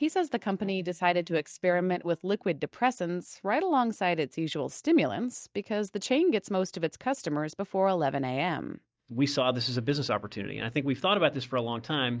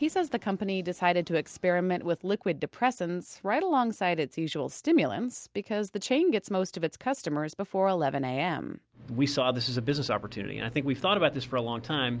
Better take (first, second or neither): second